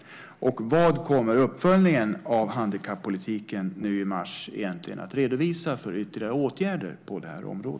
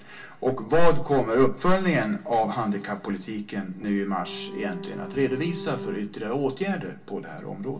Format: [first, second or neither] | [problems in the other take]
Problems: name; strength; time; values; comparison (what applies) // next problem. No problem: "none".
first | background sound (Bowed string instrument); 12 dB below the speech // room echo; dies away in 0.2 s